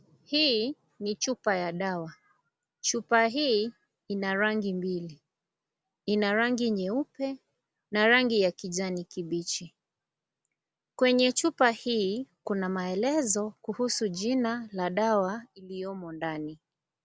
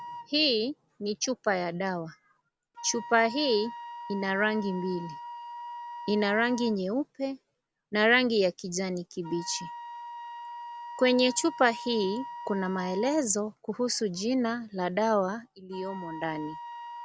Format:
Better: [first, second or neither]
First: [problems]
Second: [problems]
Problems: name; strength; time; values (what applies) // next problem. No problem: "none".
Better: first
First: none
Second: background sound (Wind instrument, woodwind instrument); 14 dB below the speech